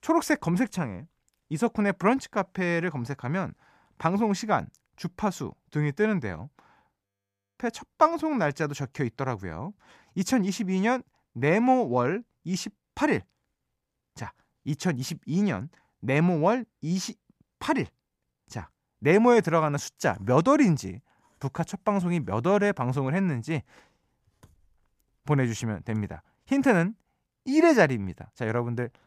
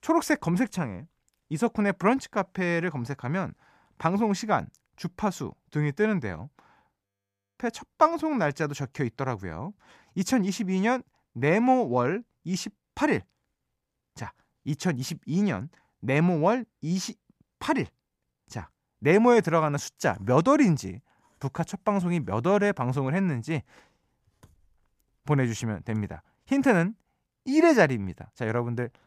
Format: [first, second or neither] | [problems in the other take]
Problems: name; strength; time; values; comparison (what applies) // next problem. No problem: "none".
neither | audio freezing; at 7 s for 0.5 s; the same in both